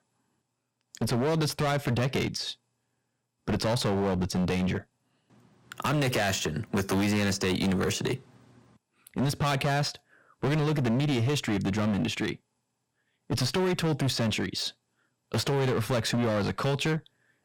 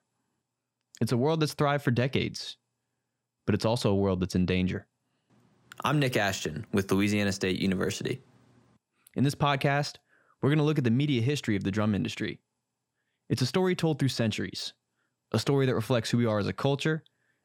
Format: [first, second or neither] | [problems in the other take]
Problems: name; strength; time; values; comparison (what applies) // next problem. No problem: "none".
second | distortion; heavy; 17% of the sound clipped